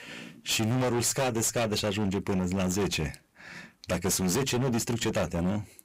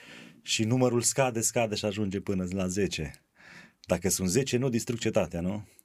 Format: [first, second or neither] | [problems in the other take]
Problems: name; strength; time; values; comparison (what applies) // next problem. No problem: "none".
second | distortion; heavy; 26% of the sound clipped